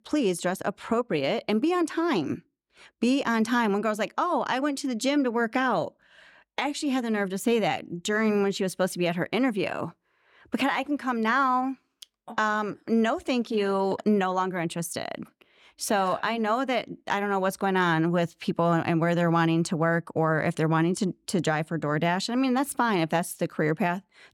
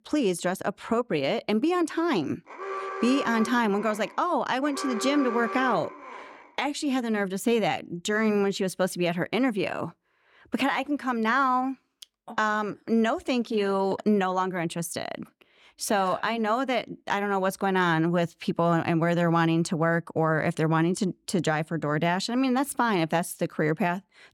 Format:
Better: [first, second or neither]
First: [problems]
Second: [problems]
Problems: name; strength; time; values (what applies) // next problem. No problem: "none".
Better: first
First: none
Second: alarm; noticeable; from 2.5 to 6.5 s; peak 6 dB below the speech